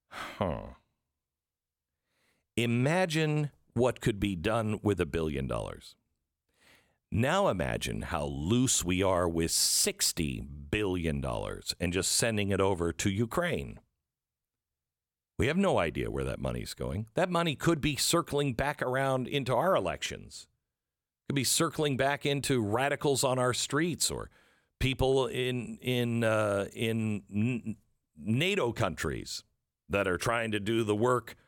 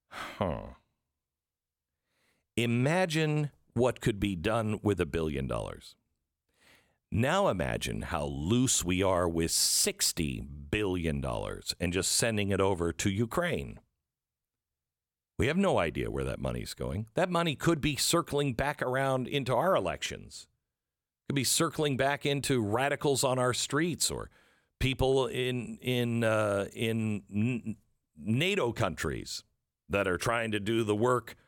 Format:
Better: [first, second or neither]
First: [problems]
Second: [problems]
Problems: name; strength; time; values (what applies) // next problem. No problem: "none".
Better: neither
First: none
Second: none